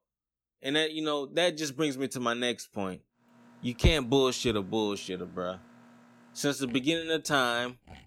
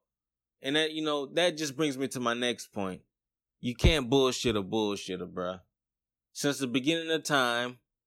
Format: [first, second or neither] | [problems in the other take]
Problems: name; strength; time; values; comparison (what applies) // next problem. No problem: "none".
second | machinery noise; faint; from 3.5 s on; 25 dB below the speech